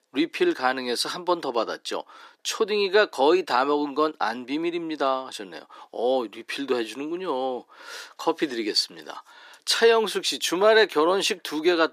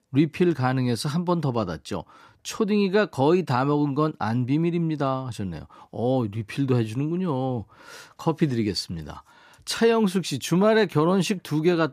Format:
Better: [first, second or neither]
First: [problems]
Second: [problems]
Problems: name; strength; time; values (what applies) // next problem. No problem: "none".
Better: second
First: thin; somewhat; fading below 350 Hz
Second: none